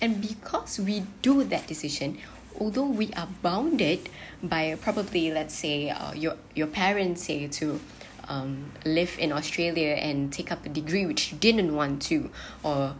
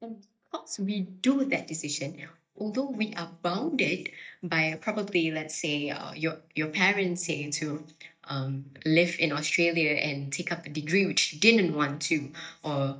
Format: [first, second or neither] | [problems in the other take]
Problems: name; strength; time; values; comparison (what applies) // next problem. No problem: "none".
first | noise reduction (neural mask model DeepFilterNet 3)